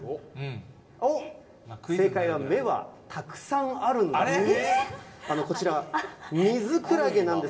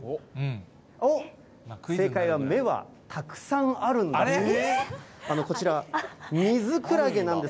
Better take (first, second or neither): second